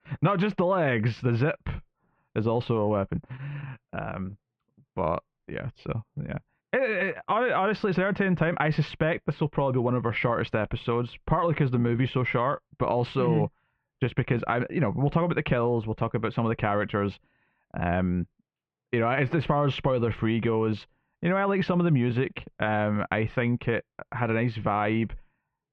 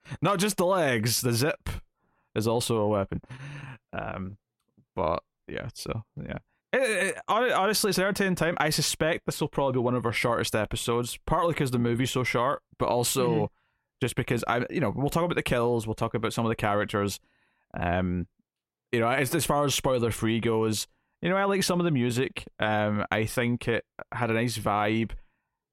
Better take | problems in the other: second | muffled; very; fading above 3 kHz

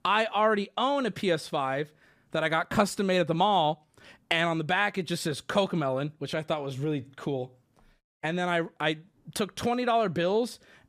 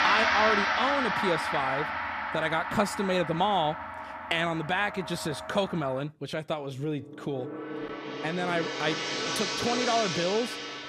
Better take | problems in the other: first | background music; loud; throughout; 1 dB below the speech

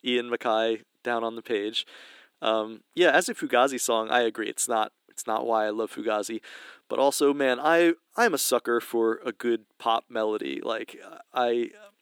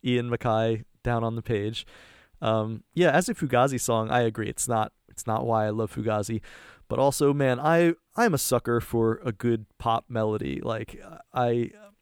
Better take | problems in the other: second | thin; somewhat; fading below 300 Hz

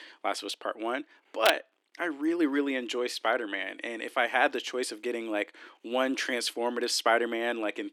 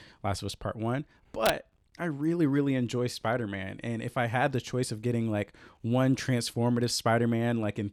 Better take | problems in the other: second | thin; somewhat; fading below 300 Hz

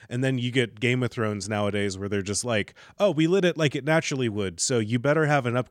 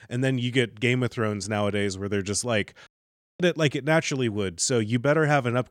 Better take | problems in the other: first | audio cutting out; at 3 s for 0.5 s

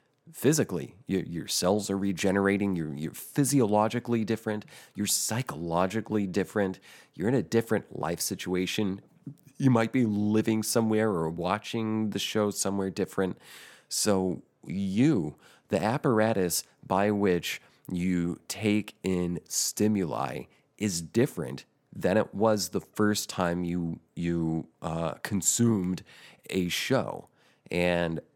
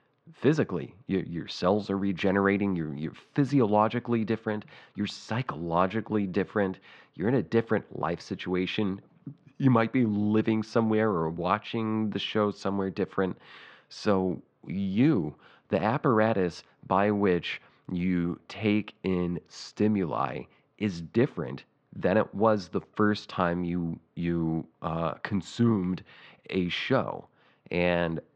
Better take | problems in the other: first | muffled; slightly; fading above 4 kHz

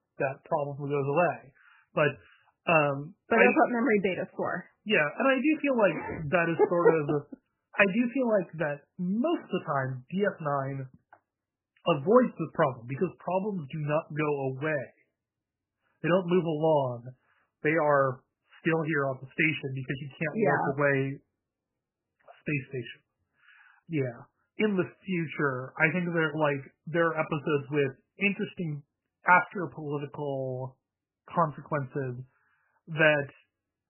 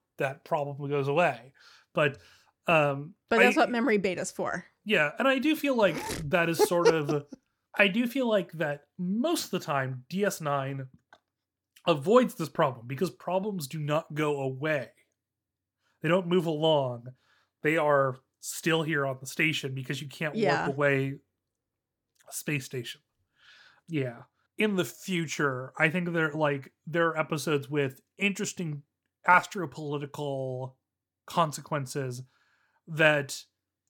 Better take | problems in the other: second | garbled, watery; badly; nothing above 3 kHz

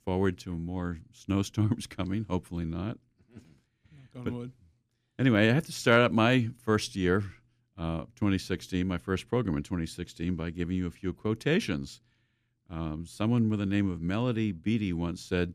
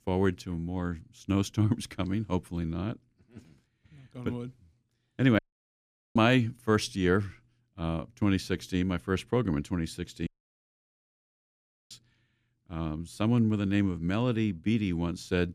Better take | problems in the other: first | audio cutting out; at 5.5 s for 1 s and at 10 s for 1.5 s

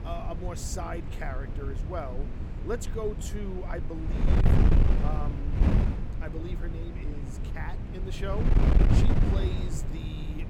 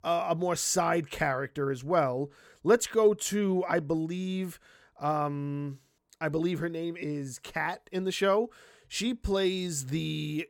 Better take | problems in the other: second | wind noise on the microphone; heavy; as loud as the speech

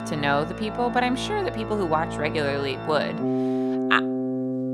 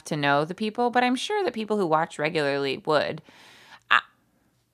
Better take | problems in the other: second | background music; loud; throughout; 4 dB below the speech

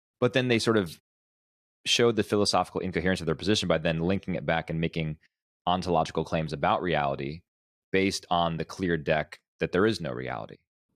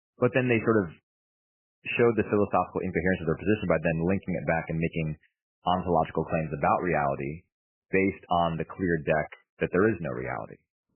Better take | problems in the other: first | garbled, watery; badly; nothing above 3 kHz

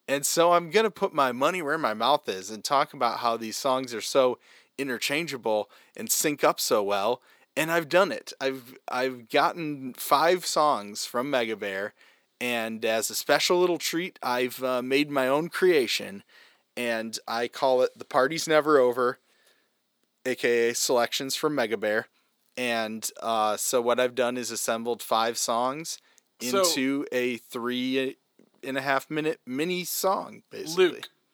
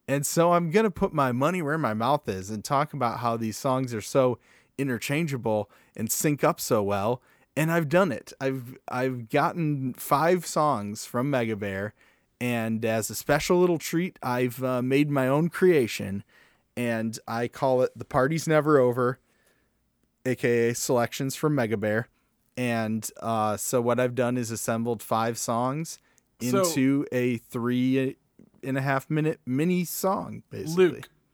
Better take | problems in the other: second | thin; somewhat; fading below 350 Hz

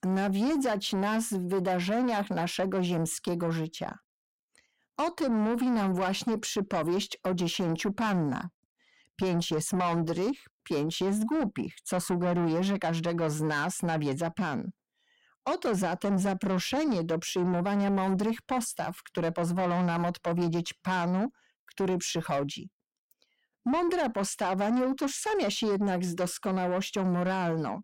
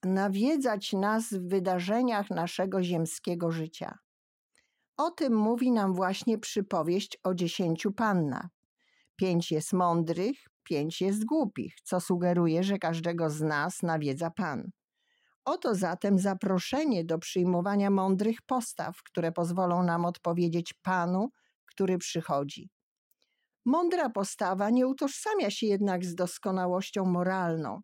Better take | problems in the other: second | distortion; slight; 10 dB below the speech

